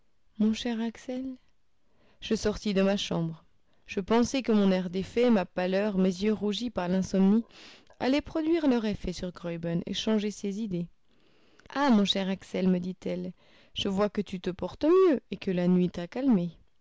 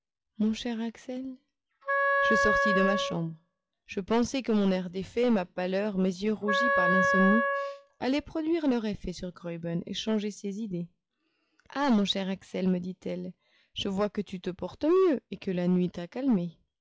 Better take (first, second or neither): first